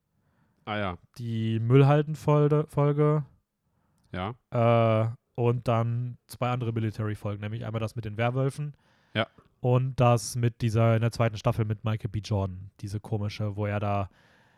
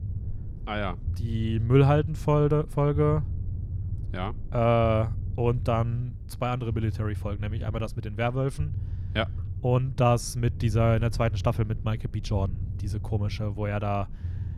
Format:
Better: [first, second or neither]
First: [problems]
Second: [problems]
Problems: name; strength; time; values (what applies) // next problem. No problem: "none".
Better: first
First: none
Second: low rumble; faint; throughout; 20 dB below the speech